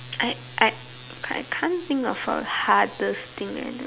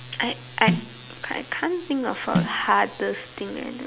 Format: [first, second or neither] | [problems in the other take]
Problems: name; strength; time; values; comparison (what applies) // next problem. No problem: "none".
first | background sound (Snare drum); 4 dB below the speech